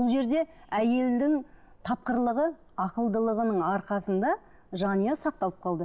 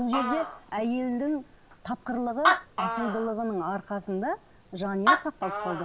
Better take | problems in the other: first | background sound (Animal); 1 dB below the speech

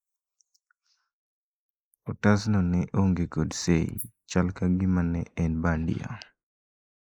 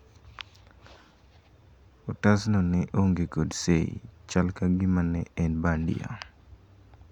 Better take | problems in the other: second | noise reduction (neural mask model Resemble Enhance denoiser)

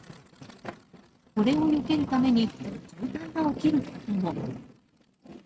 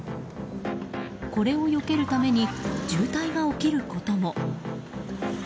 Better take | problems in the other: second | noise reduction (neural mask model RNNoise)

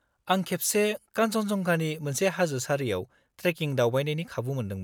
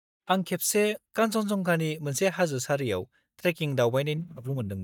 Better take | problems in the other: first | noise reduction (neural mask model DeepFilterNet 3)

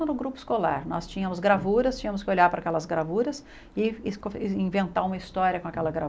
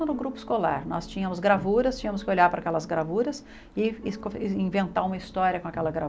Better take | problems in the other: first | background sound (Electric guitar / Strum); 20 dB below the speech

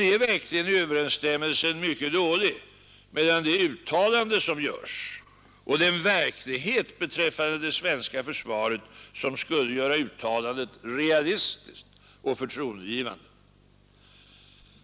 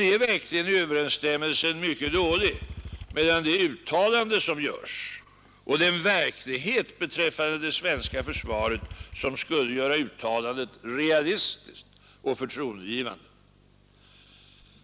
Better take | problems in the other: first | background sound (Motorcycle / Engine); 13 dB below the speech

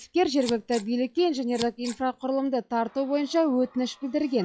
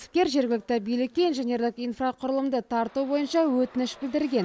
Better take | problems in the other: second | noise reduction (classical method log-MMSE)

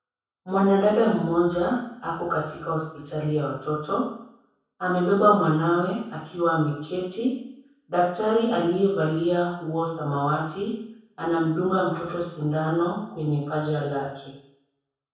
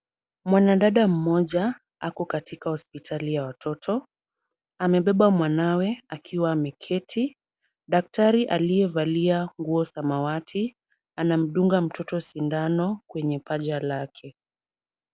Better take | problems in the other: second | room echo; dies away in 0.7 s

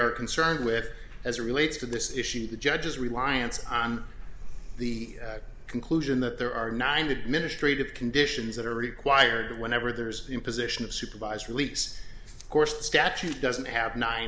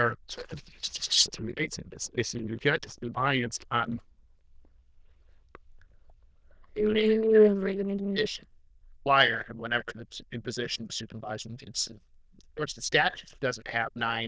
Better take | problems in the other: first | noise reduction (neural diffusion model UNIVERSE++)

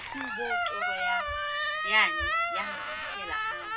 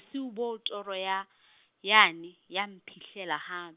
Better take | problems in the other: second | background sound (Squeak); 4 dB above the speech // room echo; dies away in 0.2 s

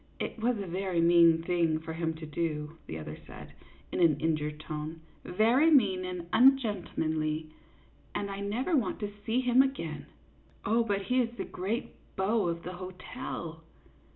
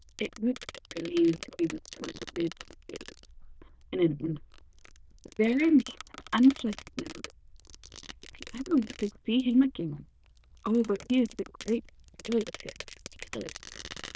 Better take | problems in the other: first | noise reduction (neural diffusion model UNIVERSE++)

